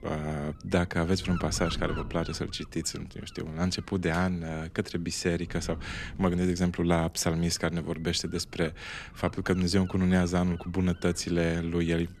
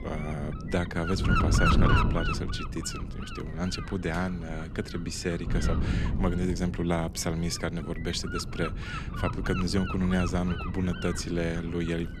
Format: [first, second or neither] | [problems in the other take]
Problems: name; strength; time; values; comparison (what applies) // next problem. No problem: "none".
first | wind noise on the microphone; heavy; as loud as the speech; occasional gusts in the first